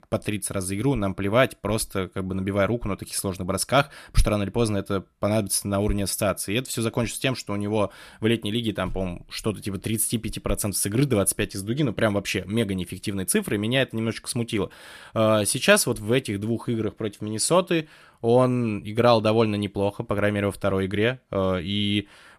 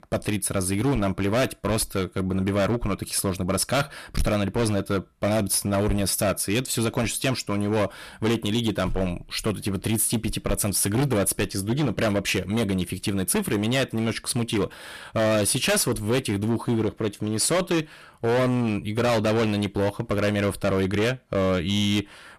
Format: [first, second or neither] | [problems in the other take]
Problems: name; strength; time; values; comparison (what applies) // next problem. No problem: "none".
first | distortion; heavy; 16% of the sound clipped